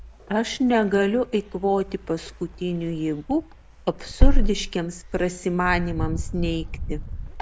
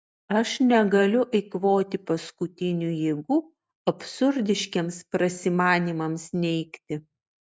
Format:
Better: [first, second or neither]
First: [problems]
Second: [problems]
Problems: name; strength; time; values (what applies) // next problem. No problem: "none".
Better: second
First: background sound (Wind); as loud as the speech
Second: none